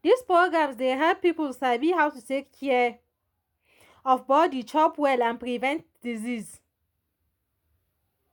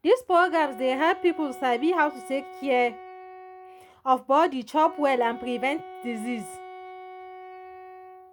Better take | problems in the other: first | background sound (Wind instrument, woodwind instrument); 16 dB below the speech

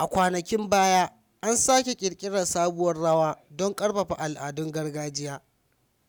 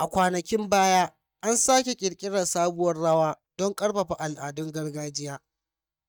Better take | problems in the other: first | noise reduction (neural mask model DeepFilterNet 3)

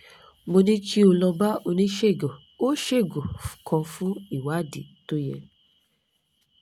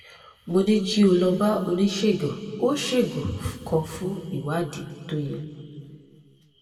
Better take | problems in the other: first | room echo; dies away in 1.9 s

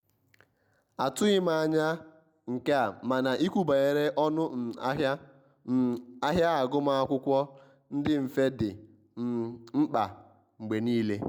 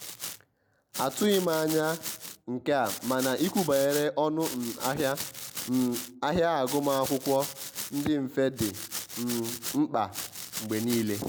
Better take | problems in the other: first | background sound (Domestic sounds, home sounds); 10 dB below the speech

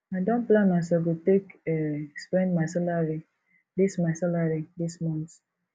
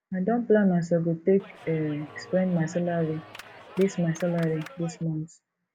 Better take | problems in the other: first | background sound (Clapping); 19 dB below the speech

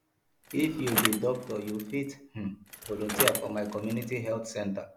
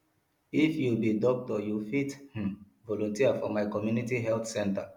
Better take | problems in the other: second | background sound (Bicycle); 3 dB below the speech

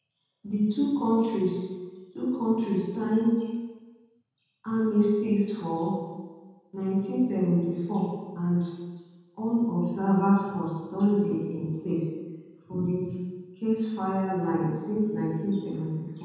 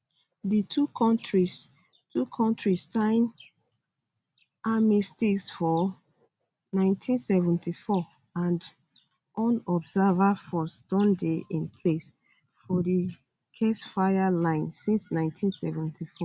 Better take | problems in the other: second | room echo; dies away in 1.2 s

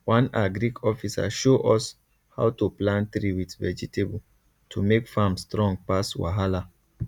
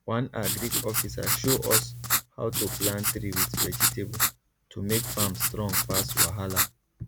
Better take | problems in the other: first | background sound (Writing); 4 dB above the speech

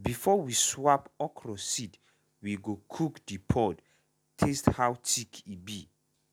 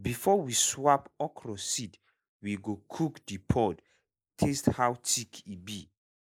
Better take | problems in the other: first | noise reduction (neural mask model Resemble Enhance denoiser)

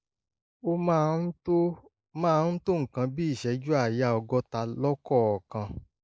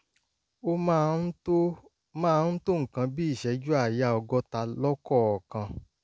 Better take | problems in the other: second | noise reduction (neural mask model Resemble Enhance denoiser)

